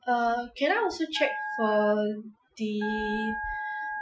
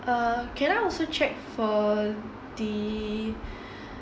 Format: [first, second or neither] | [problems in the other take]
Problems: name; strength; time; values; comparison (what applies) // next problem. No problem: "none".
second | noise reduction (classical method Wiener filter)